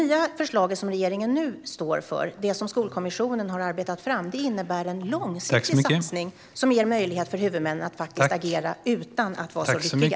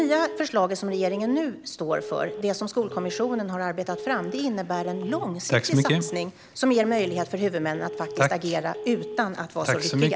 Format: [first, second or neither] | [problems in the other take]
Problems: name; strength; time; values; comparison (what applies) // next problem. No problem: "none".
first | background sound (Telephone); 12 dB below the speech